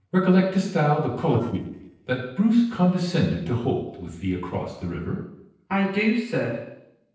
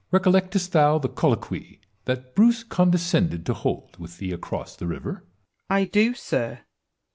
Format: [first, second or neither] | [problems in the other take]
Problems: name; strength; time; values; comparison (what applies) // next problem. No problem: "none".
second | noise reduction (neural separator model SepFormer DNS4)